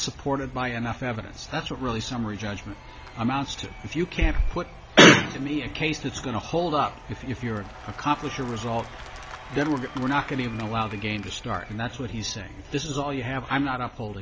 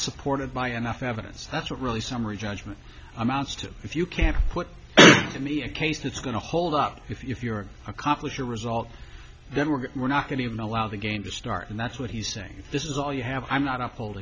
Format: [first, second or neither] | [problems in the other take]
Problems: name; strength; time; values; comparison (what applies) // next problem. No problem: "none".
second | background sound (Applause / Crowd / Cheering); 19 dB below the speech